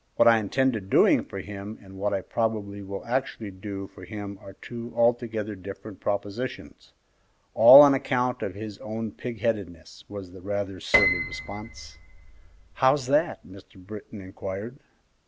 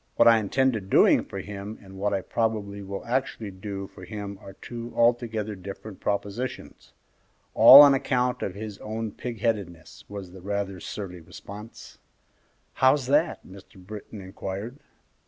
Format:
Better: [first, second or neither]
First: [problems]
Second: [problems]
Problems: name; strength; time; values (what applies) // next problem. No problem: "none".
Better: second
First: background sound (Piano); 4 dB below the speech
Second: none